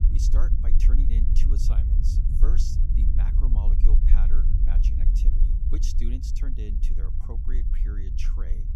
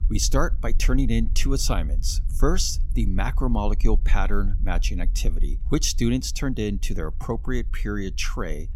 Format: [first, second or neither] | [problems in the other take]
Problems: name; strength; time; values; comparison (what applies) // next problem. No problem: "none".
second | low rumble; loud; throughout; as loud as the speech; faint in the second